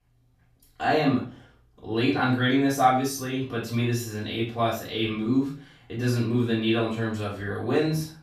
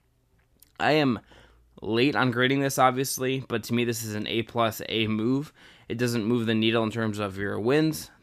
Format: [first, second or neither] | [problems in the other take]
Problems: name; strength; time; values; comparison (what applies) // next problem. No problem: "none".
second | off-mic speech; far // room echo; noticeable; dies away in 0.4 s